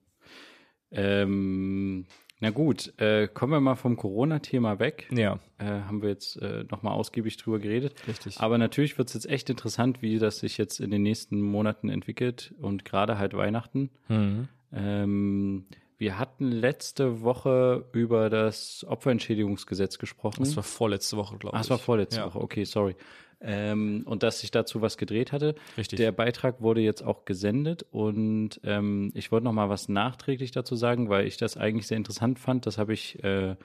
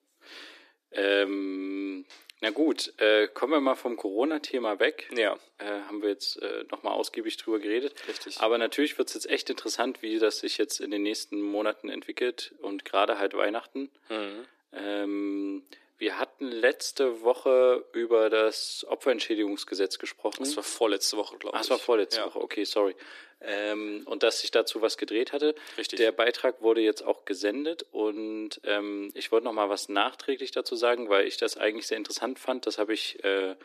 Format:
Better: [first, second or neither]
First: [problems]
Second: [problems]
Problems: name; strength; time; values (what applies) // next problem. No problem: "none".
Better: first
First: none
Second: thin; somewhat; fading below 300 Hz